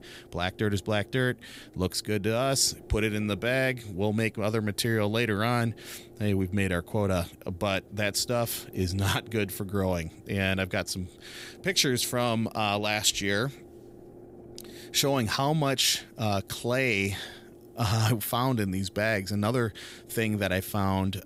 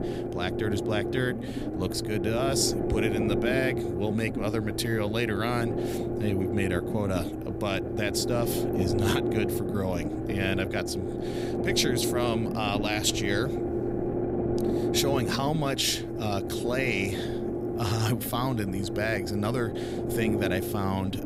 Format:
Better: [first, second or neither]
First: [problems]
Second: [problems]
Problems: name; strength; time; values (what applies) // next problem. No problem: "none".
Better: first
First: low rumble; faint; throughout; 25 dB below the speech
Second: low rumble; loud; throughout; 3 dB below the speech